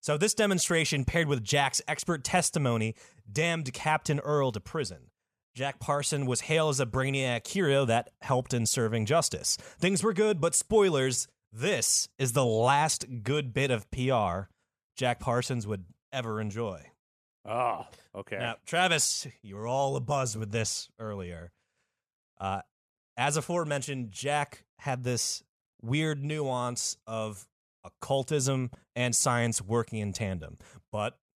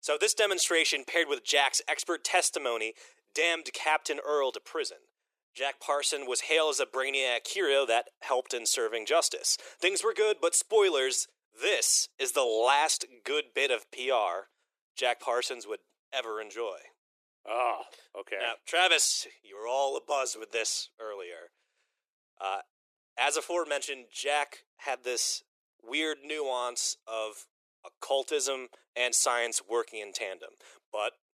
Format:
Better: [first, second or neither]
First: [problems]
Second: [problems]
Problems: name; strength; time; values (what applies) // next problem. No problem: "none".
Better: first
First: none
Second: thin; very; fading below 350 Hz